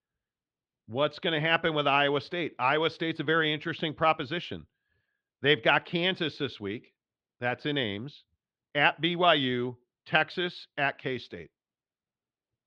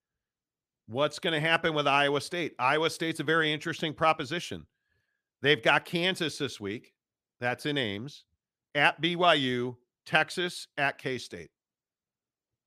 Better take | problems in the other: second | muffled; very slightly; fading above 3.5 kHz

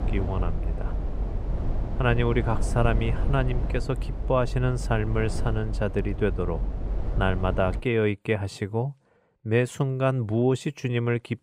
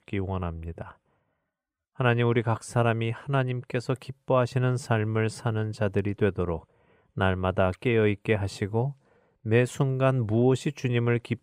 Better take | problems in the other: second | low rumble; noticeable; until 8 s; 10 dB below the speech

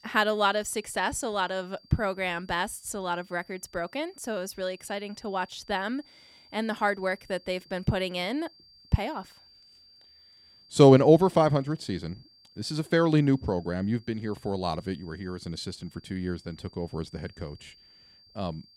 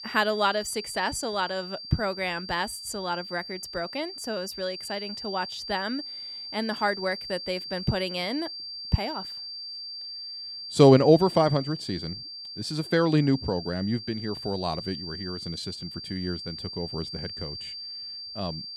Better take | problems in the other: first | high-pitched whine; loud; throughout; 4.5 kHz, 9 dB below the speech; faint in the first

